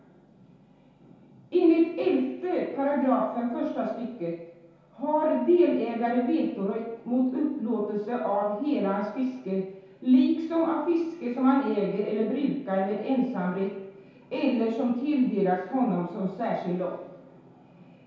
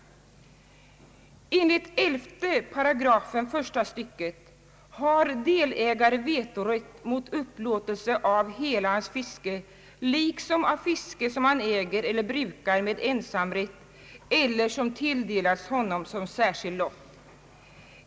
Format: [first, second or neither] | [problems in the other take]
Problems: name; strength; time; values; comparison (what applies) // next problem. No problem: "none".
second | room echo; dies away in 0.8 s